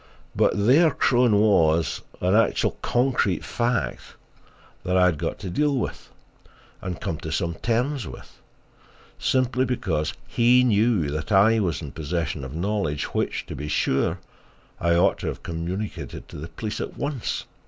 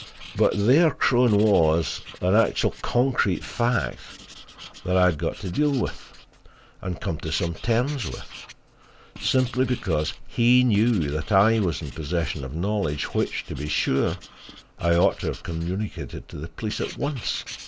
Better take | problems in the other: first | background sound (Writing); 20 dB below the speech

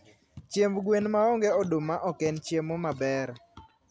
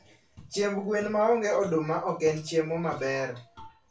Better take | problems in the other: first | room echo; dies away in 0.2 s

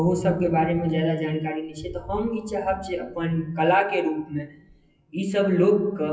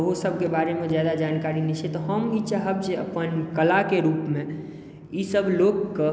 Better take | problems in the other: second | noise reduction (classical method WPE with log-MMSE)

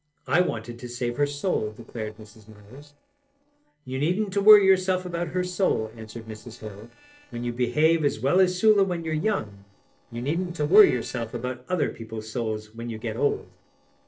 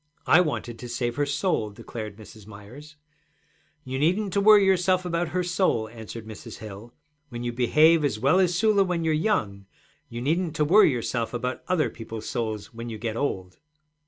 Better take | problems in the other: second | noise reduction (neural separator model SepFormer DNS4)

